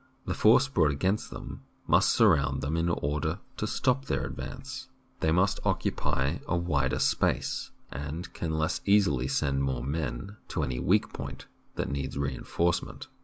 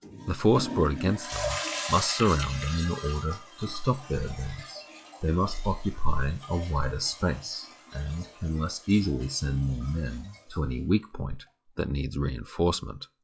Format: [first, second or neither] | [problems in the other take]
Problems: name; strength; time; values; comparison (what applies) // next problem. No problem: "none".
first | noise reduction (classical method log-MMSE)